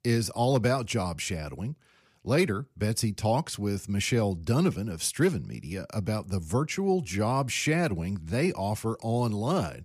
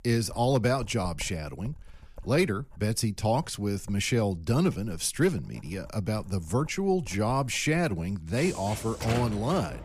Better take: first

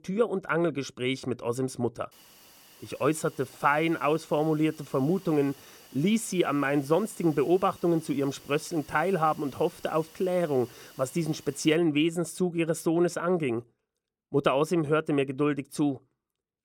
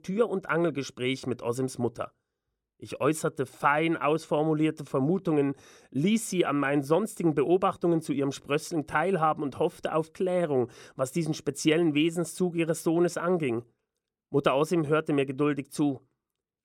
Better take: second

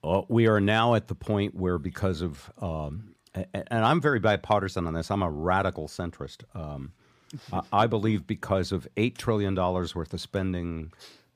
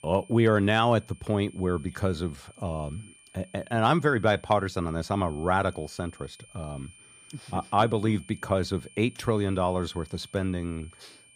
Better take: first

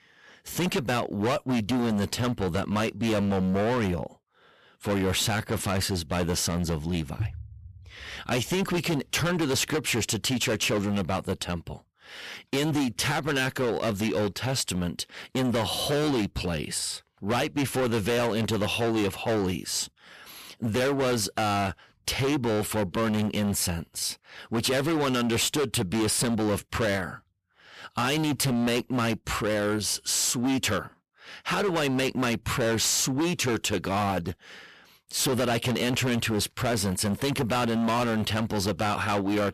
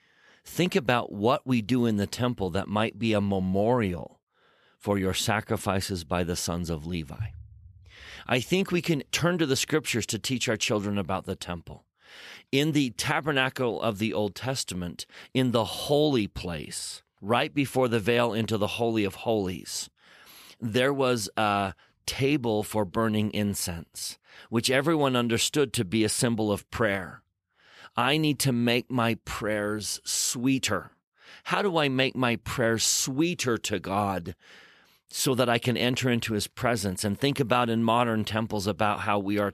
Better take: second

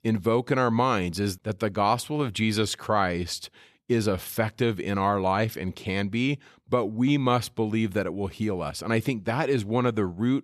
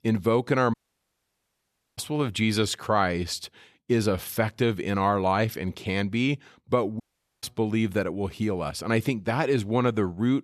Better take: first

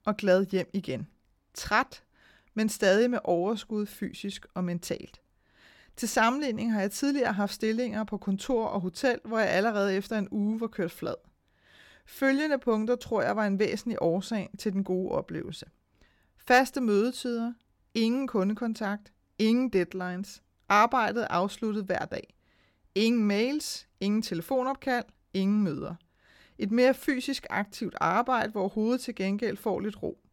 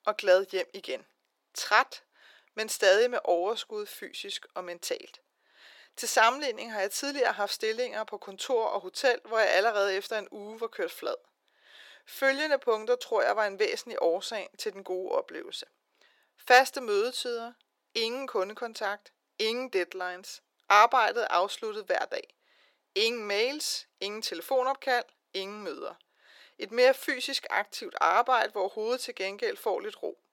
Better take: first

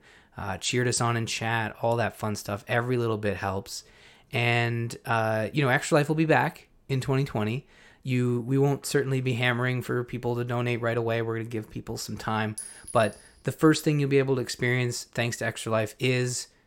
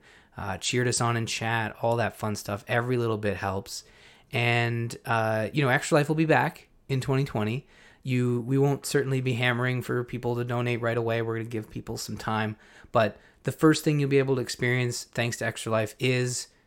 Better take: second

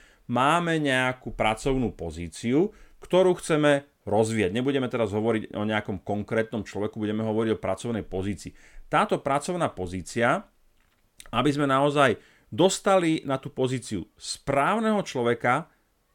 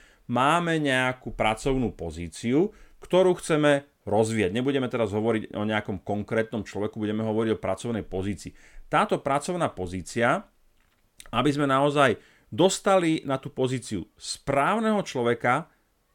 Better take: neither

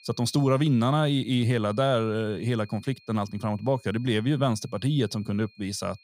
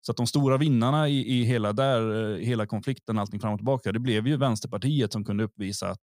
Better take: second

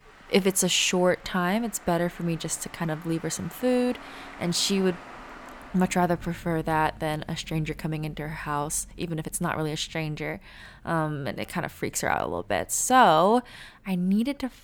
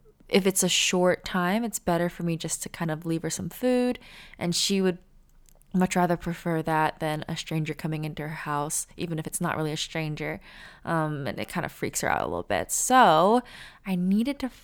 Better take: second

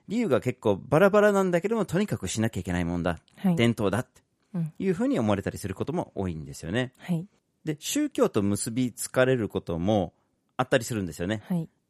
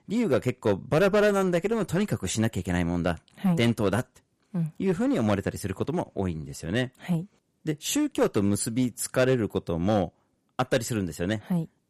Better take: first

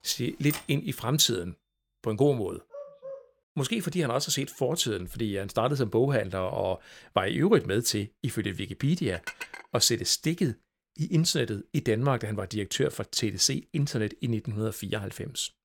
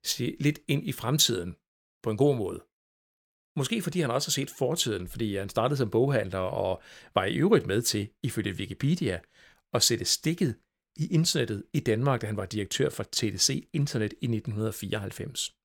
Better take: second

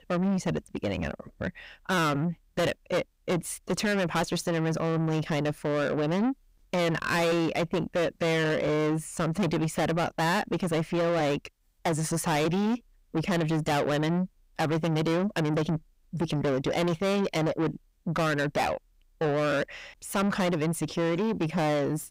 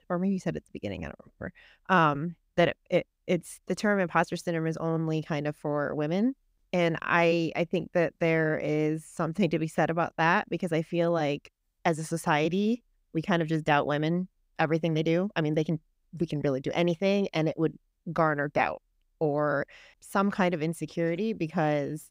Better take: second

